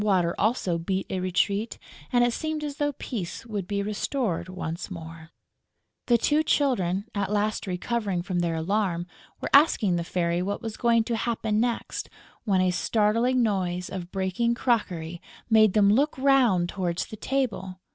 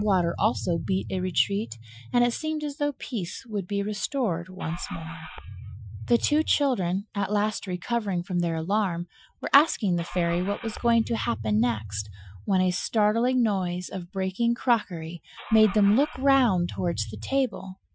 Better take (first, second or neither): first